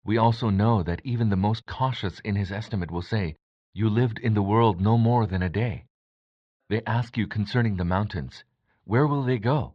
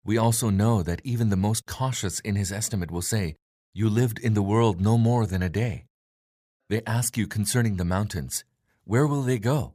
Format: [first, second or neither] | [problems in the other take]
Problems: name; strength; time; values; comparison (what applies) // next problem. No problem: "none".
second | muffled; very; fading above 4 kHz